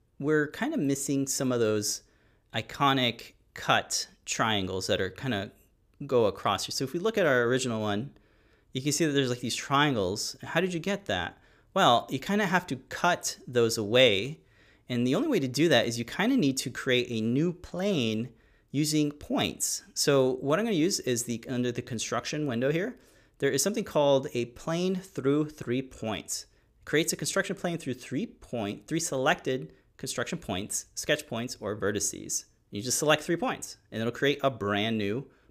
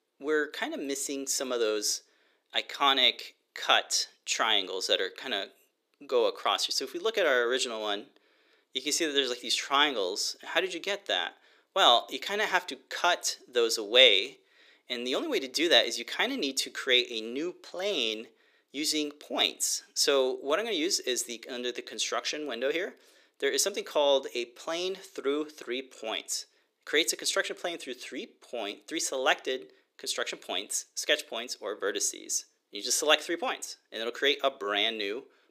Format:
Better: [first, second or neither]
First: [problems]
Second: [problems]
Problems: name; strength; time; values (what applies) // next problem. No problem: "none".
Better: first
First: none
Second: thin; somewhat; fading below 350 Hz